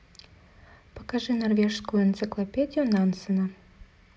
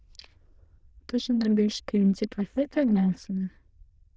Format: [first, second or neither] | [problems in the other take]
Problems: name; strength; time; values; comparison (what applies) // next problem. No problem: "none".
first | noise reduction (neural diffusion model UNIVERSE++)